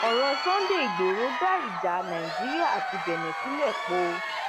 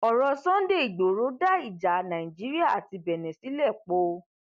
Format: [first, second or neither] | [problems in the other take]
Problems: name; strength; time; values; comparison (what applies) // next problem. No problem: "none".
second | background sound (Crowd); 2 dB below the speech